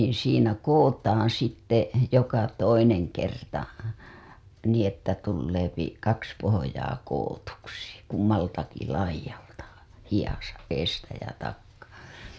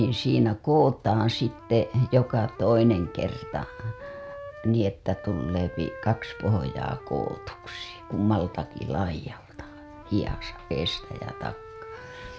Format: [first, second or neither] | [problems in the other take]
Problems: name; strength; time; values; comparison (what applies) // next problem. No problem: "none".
first | background sound (Wind instrument, woodwind instrument); 17 dB below the speech